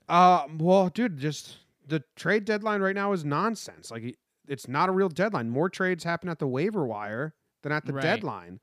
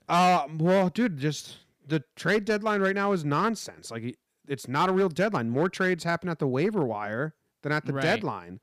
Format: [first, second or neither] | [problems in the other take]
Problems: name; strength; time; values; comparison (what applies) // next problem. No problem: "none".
first | distortion; slight; 5% of the sound clipped